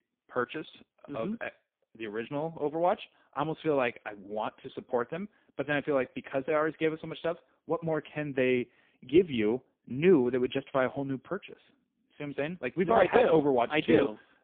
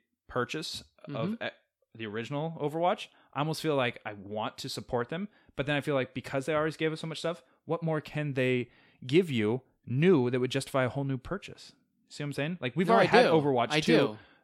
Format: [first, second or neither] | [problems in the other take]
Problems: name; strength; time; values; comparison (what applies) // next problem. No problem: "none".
second | phone-call audio; poor line